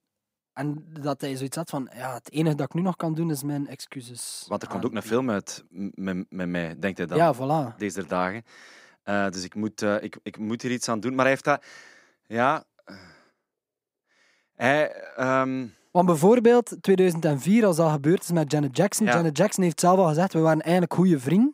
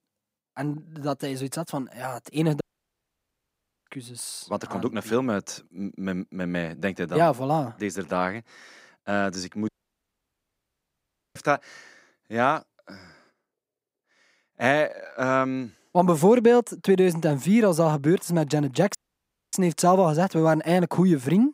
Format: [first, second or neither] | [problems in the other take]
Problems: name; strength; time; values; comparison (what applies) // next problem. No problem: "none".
first | audio cutting out; at 2.5 s for 1.5 s, at 9.5 s for 1.5 s and at 19 s for 0.5 s